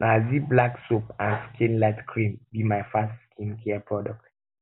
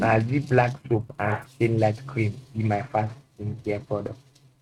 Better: first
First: none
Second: noise reduction (neural mask model RNNoise)

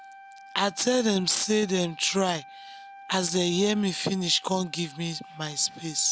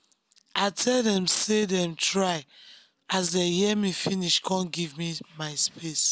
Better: second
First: background sound (Wind instrument, woodwind instrument); 20 dB below the speech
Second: none

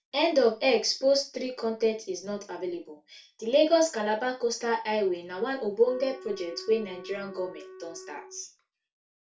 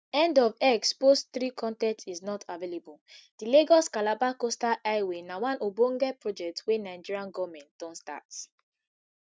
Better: second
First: background sound (Wind instrument, woodwind instrument); 18 dB below the speech // room echo; dies away in 0.3 s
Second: none

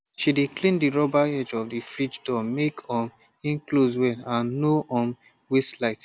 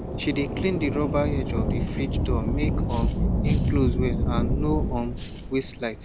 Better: first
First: none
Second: background sound (Tambourine + Thunder / Rain); 4 dB above the speech

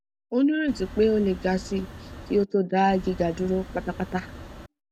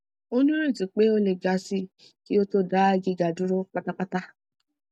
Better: second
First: background sound (Wind); 14 dB below the speech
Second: none

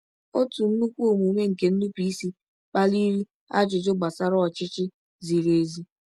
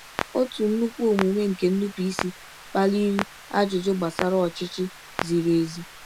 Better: first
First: none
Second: background sound (Clock); 12 dB below the speech

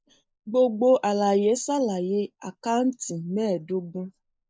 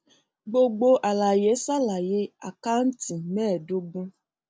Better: second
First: noise reduction (neural mask model Resemble Enhance denoiser)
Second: none

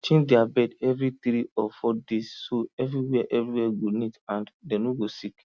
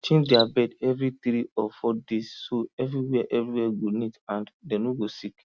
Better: first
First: none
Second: background sound (Cricket); 14 dB below the speech

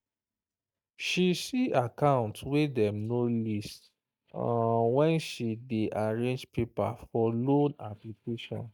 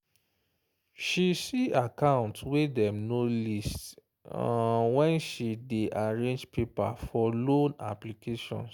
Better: second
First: noise reduction (neural mask model DeepFilterNet 3)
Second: none

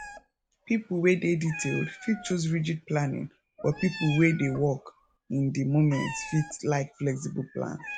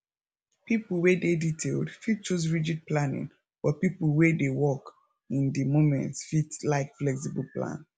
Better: second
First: background sound (Meow); 15 dB below the speech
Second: none

